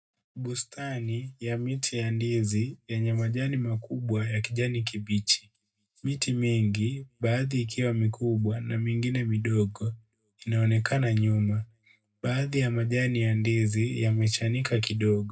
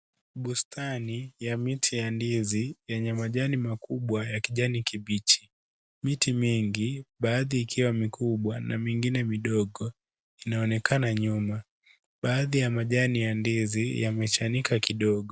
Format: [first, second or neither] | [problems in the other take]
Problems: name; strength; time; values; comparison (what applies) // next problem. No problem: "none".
second | room echo; dies away in 0.2 s